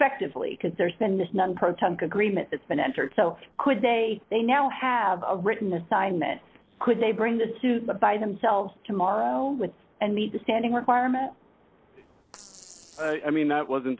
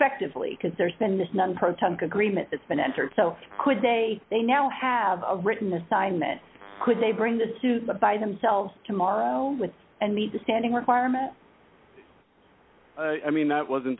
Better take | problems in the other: second | noise reduction (neural separator model SepFormer DNS4)

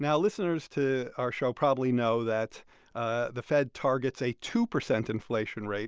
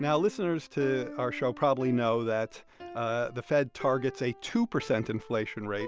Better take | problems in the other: first | background sound (Piano); 17 dB below the speech

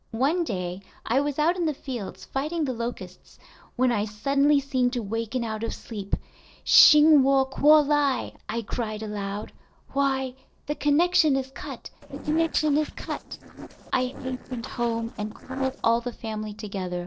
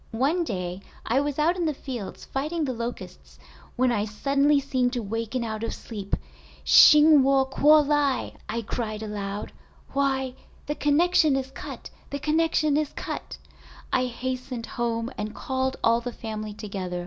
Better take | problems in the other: second | noise reduction (neural separator model SepFormer DNS4)

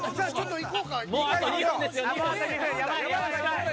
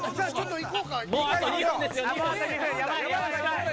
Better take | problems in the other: first | background sound (Walk, footsteps); 18 dB below the speech

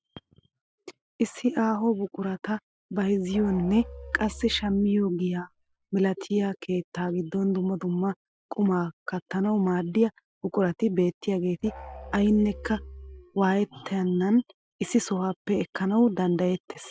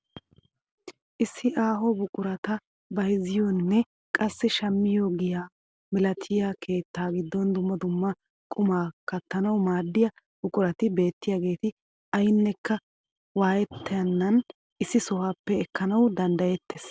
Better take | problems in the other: second | noise reduction (classical method Wiener filter)

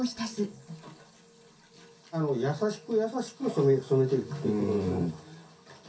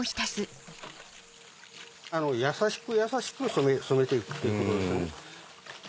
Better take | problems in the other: second | room echo; dies away in 0.3 s

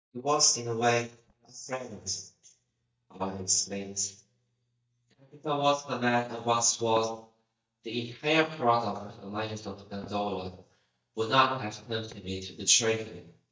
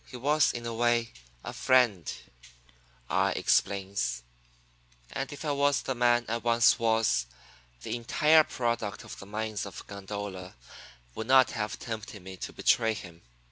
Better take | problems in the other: second | noise reduction (neural mask model DeepFilterNet 3)

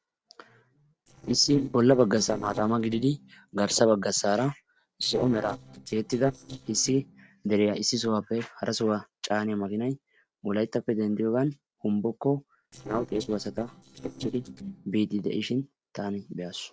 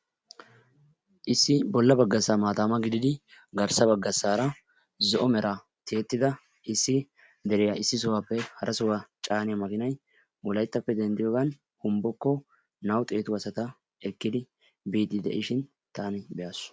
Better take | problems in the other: second | noise reduction (neural separator model SepFormer DNS4)

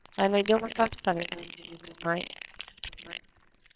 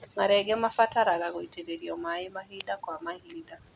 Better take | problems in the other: second | noise reduction (neural separator model SepFormer WHAMR!)

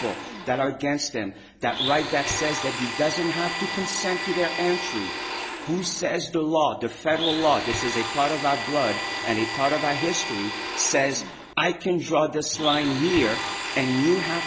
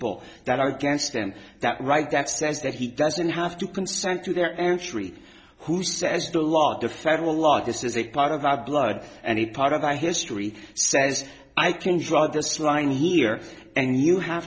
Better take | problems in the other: second | background sound (Domestic sounds, home sounds); 6 dB below the speech

